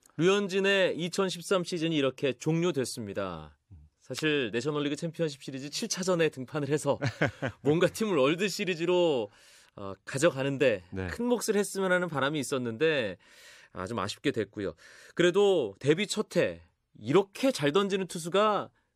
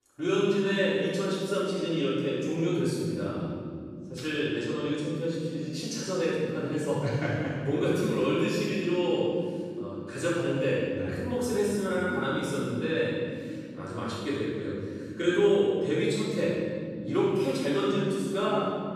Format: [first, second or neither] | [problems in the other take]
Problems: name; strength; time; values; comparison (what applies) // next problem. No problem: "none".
first | off-mic speech; far // room echo; strong; dies away in 3 s